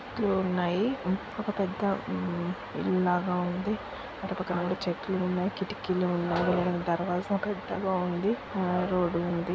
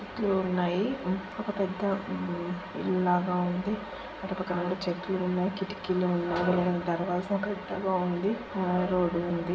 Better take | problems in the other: first | room echo; dies away in 0.8 s

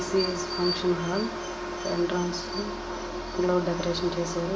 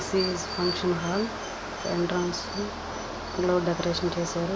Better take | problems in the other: second | background sound (Wind instrument, woodwind instrument); 9 dB below the speech // room echo; dies away in 0.8 s

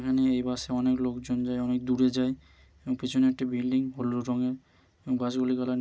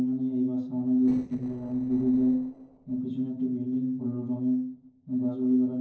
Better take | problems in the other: first | noise reduction (neural separator model SepFormer DNS4)

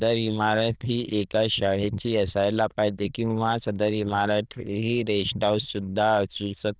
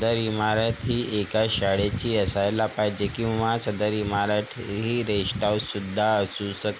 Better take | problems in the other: second | noise reduction (neural diffusion model UNIVERSE++)

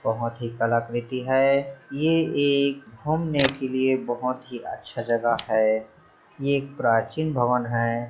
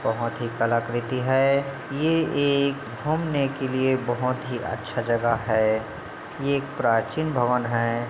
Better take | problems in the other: second | noise reduction (classical method log-MMSE)

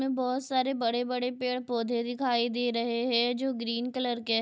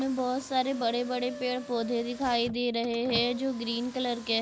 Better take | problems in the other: first | background sound (Car); 15 dB below the speech

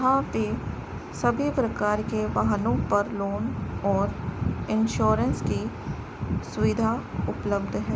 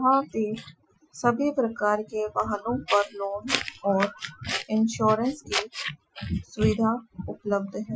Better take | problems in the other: first | noise reduction (classical method Wiener filter)

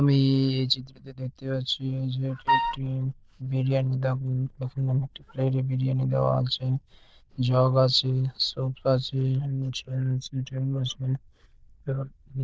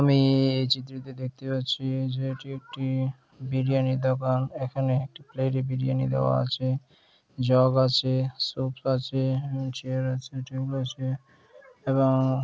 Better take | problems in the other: second | noise reduction (neural diffusion model UNIVERSE++)

